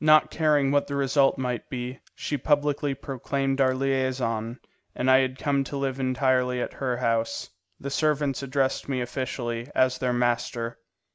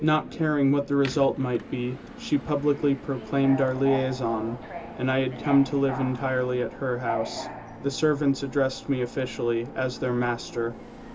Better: first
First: none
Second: background sound (Subway, metro, underground); 13 dB below the speech // room echo; dies away in 0.2 s

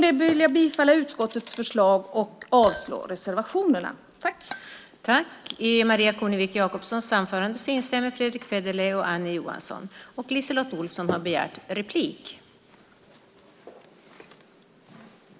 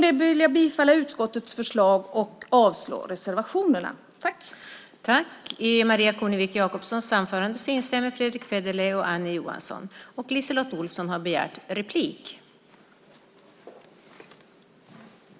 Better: second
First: background sound (Chink, clink / Liquid); 19 dB below the speech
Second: none

